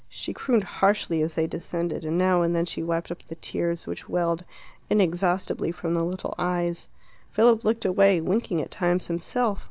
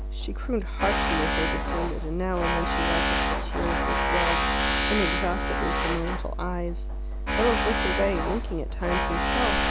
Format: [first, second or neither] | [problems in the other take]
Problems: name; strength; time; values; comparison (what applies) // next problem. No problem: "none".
first | background sound (Tools); 5 dB above the speech